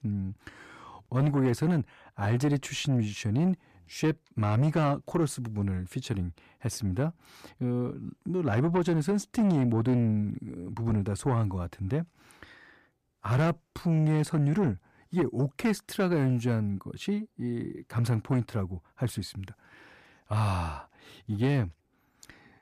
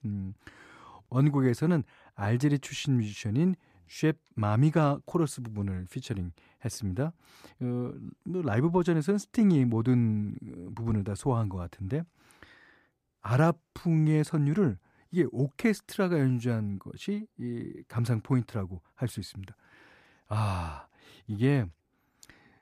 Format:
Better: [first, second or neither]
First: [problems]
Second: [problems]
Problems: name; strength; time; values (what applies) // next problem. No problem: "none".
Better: second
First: distortion; slight; 10 dB below the speech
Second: none